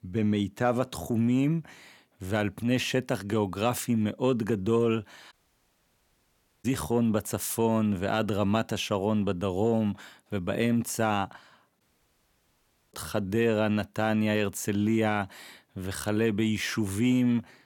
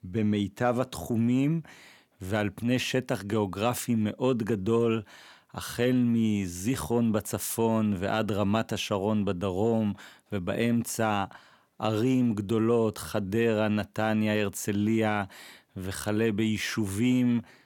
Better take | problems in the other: second | audio cutting out; at 5.5 s for 1.5 s and at 12 s for 1 s

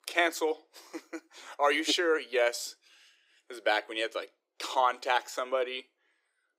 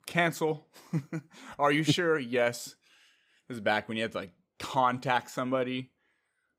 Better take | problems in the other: second | thin; very; fading below 350 Hz

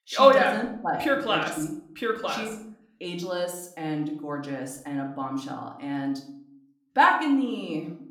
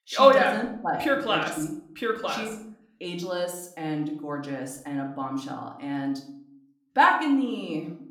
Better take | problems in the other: neither | room echo; slight; dies away in 0.5 s; the same in both // off-mic speech; somewhat distant; the same in both

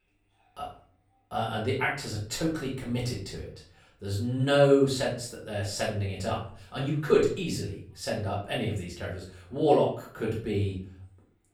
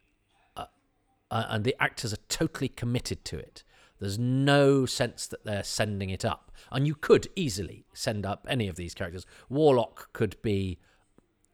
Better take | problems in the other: second | off-mic speech; far // room echo; slight; dies away in 0.4 s

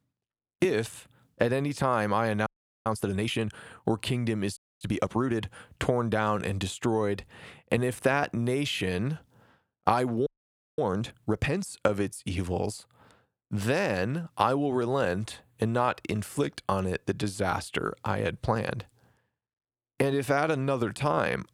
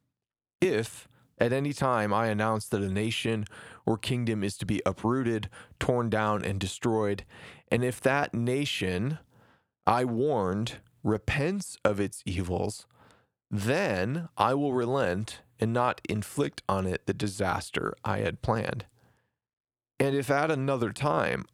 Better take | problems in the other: second | audio freezing; at 2.5 s, at 4.5 s and at 10 s for 0.5 s

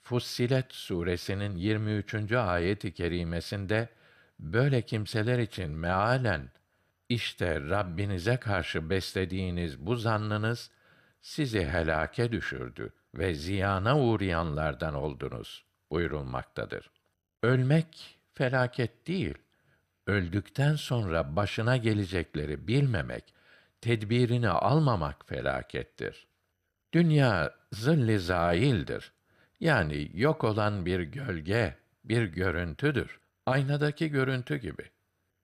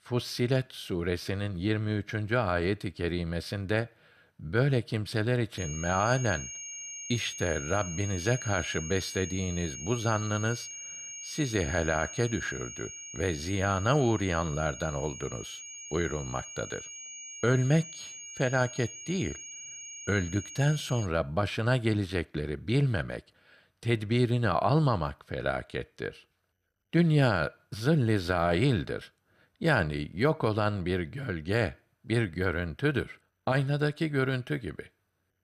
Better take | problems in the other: first | high-pitched whine; loud; from 5.5 to 21 s; 6.5 kHz, 10 dB below the speech

